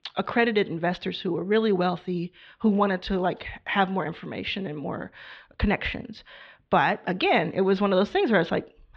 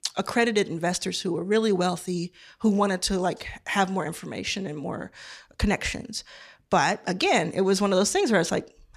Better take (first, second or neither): second